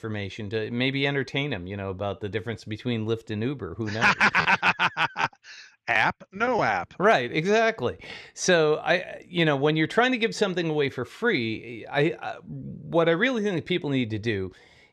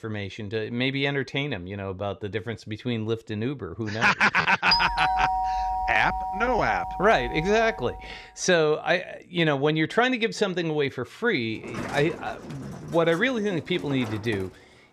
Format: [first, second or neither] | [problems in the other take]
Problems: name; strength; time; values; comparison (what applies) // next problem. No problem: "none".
first | doorbell; loud; from 4.5 to 7.5 s; peak 2 dB above the speech // door banging; noticeable; from 12 s on; peak 9 dB below the speech